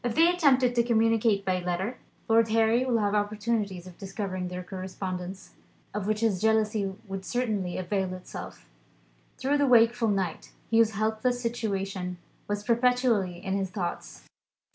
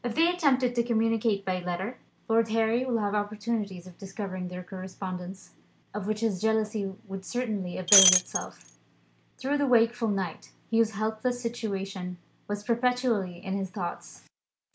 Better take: first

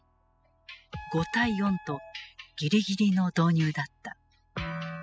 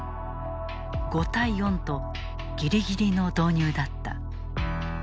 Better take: second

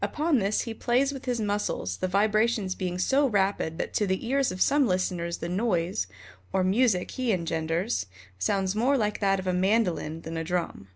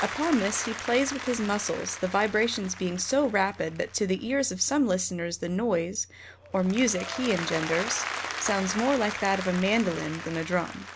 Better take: first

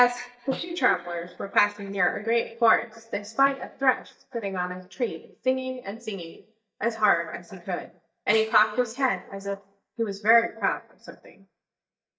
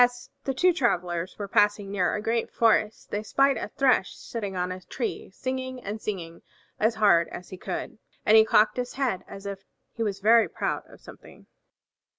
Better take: second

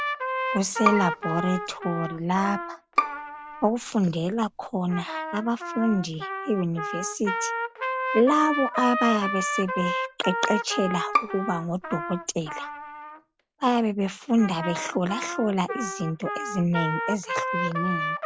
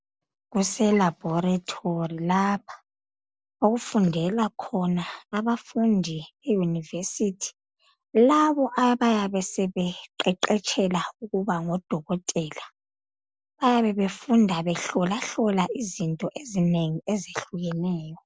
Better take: second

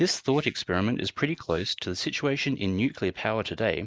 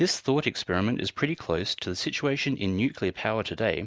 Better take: second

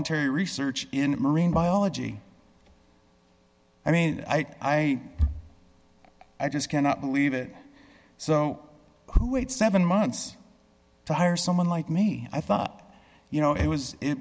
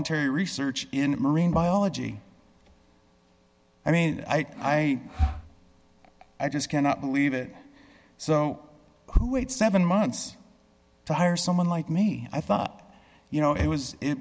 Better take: first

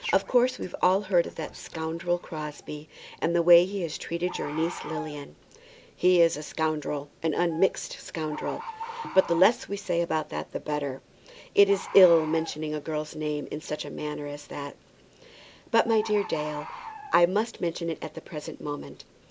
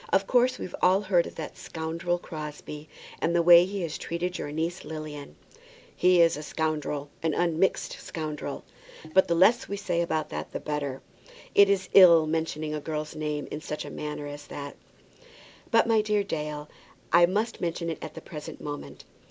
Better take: second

